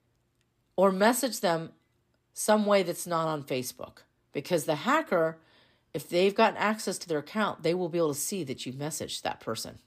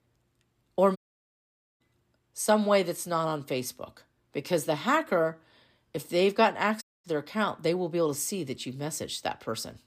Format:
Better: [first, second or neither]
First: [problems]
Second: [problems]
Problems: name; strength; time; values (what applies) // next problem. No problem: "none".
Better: first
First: none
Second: audio cutting out; at 1 s for 1 s and at 7 s